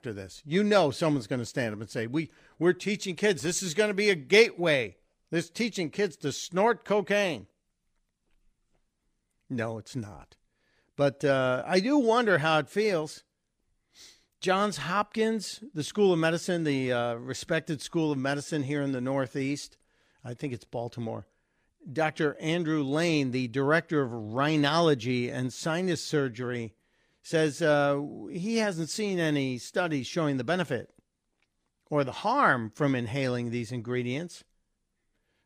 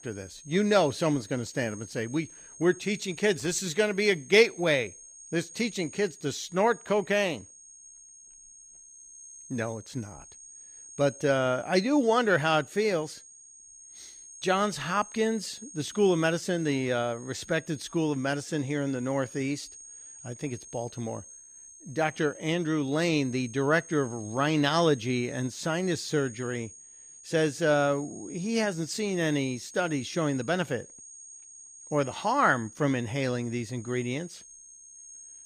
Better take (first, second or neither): first